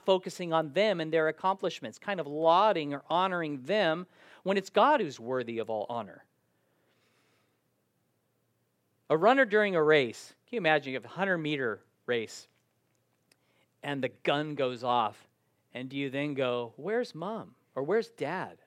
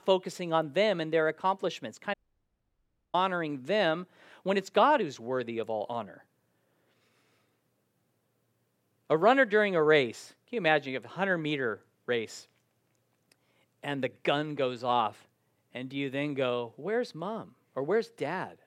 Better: first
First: none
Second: audio cutting out; at 2 s for 1 s

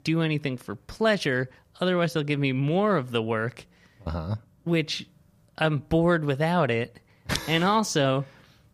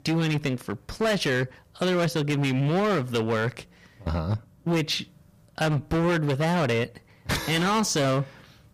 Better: first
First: none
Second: distortion; heavy; 17% of the sound clipped

